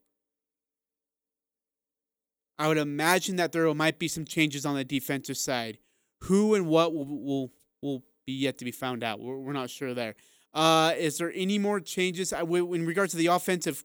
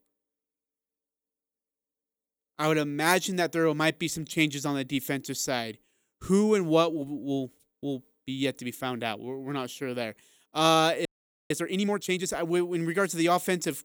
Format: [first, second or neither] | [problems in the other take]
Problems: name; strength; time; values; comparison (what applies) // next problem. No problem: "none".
first | audio freezing; at 11 s